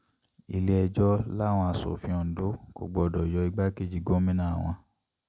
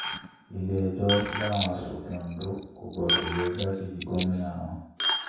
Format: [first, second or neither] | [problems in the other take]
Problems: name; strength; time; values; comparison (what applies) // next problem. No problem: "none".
first | background sound (Coin (dropping)); 4 dB below the speech // room echo; dies away in 0.7 s